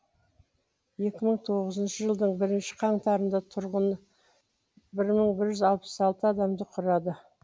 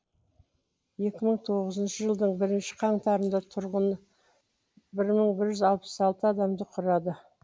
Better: first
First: none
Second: noise reduction (neural mask model Resemble Enhance denoiser)

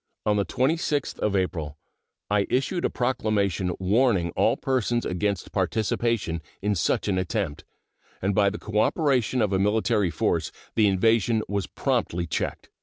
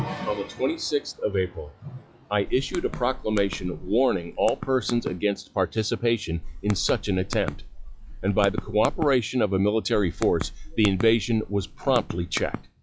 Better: first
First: none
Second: noise reduction (classical method log-MMSE)

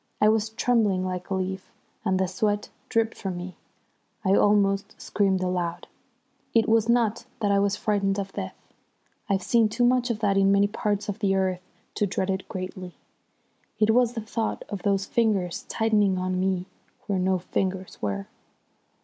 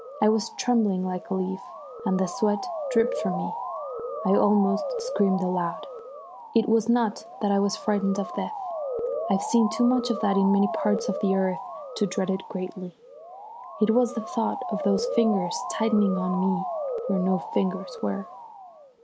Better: first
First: none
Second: background sound (Motor vehicle (road) / Siren); 7 dB below the speech

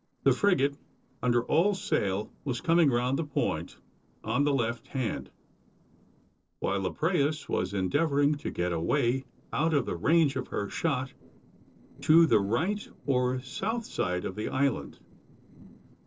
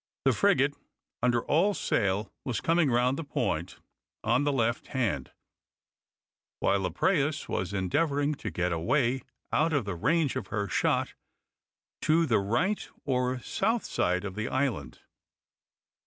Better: second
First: noise reduction (neural separator model SepFormer DNS4)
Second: none

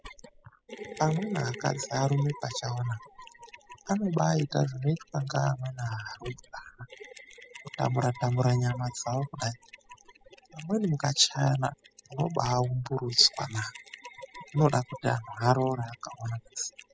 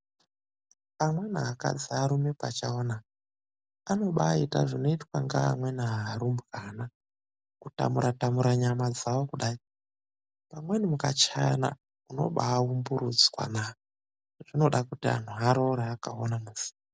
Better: second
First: noise reduction (classical method spectral subtraction)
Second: none

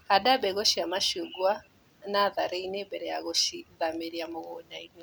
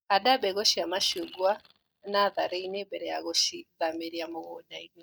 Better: first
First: none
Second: noise reduction (neural mask model DeepFilterNet 3)

